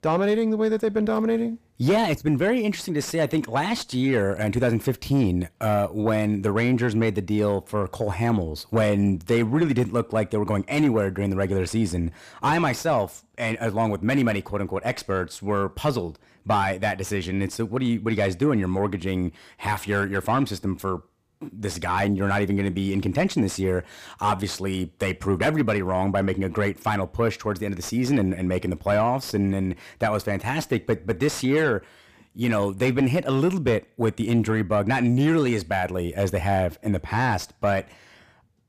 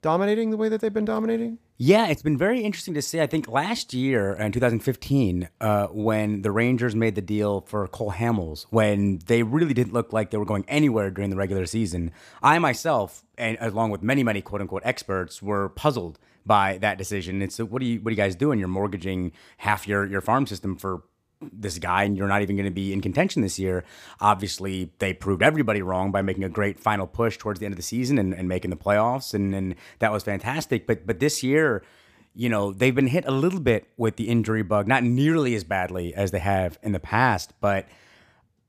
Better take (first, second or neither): second